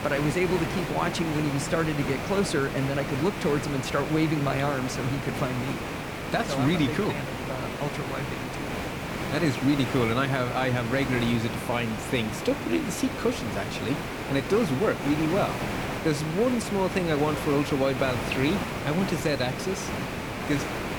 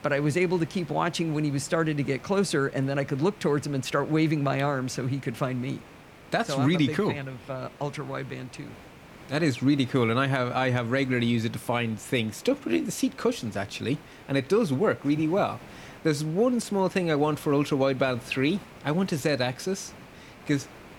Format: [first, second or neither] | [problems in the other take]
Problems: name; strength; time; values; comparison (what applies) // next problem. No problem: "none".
second | hiss; loud; throughout; 4 dB below the speech; faint in the second